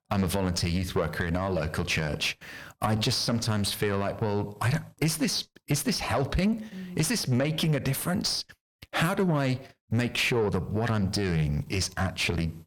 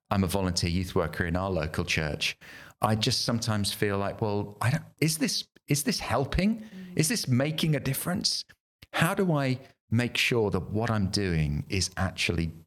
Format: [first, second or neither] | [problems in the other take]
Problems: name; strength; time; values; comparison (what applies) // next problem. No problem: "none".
second | distortion; slight; 10 dB below the speech